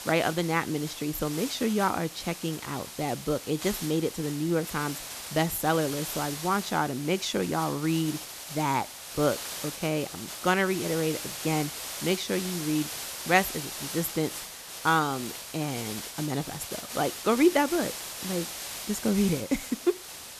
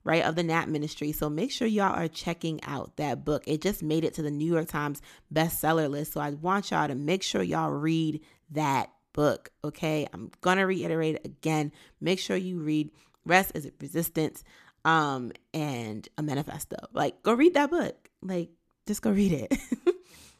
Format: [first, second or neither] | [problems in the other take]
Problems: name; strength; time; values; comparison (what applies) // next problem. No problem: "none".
second | hiss; loud; throughout; 7 dB below the speech